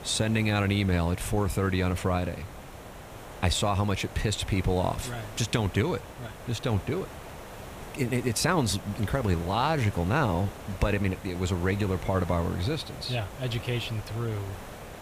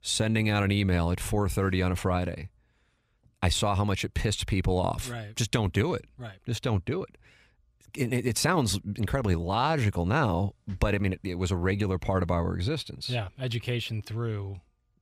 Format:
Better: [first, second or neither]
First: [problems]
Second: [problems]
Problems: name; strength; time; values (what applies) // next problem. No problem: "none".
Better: second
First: hiss; noticeable; throughout; 15 dB below the speech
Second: none